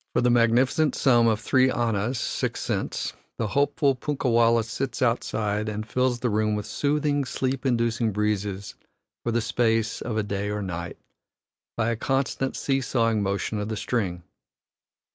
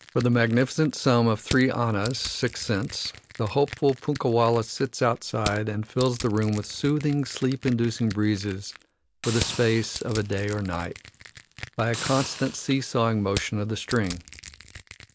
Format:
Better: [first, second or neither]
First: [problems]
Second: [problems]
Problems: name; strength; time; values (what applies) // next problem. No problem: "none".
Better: first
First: none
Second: background sound (Crushing + Hiss); 14 dB below the speech